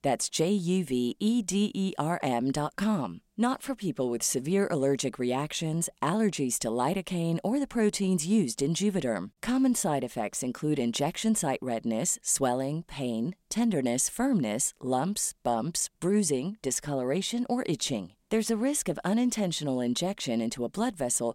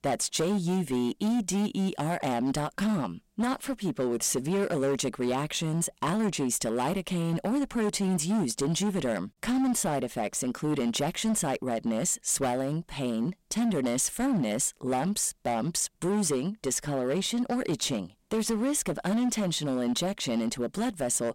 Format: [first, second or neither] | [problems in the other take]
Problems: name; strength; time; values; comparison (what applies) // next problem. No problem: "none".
first | distortion; slight; 15% of the sound clipped